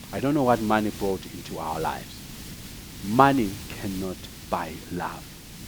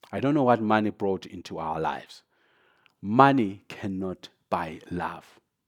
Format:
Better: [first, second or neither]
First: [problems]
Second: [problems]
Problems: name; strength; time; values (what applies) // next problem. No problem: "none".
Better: second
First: hiss; noticeable; throughout; 15 dB below the speech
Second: none